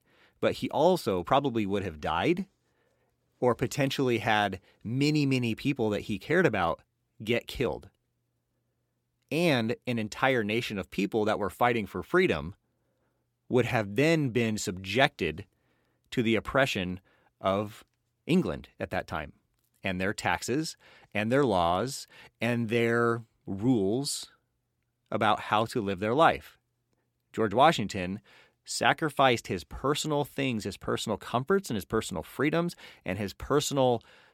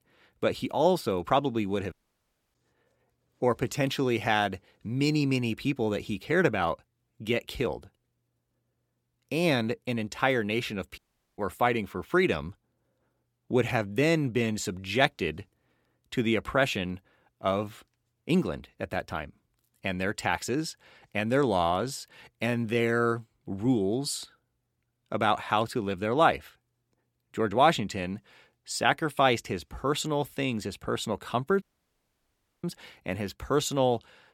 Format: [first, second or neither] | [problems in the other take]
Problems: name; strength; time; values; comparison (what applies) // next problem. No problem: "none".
first | audio cutting out; at 2 s for 0.5 s, at 11 s and at 32 s for 1 s